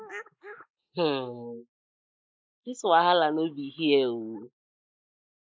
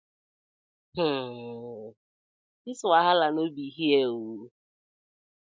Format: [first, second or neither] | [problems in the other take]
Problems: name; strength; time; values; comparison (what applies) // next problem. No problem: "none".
second | noise reduction (neural mask model Resemble Enhance denoiser)